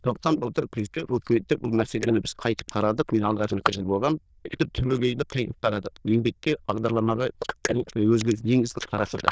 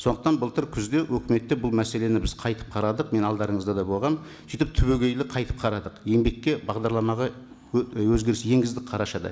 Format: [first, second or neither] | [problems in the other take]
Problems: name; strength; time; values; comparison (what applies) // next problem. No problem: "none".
second | noise reduction (neural diffusion model UNIVERSE++)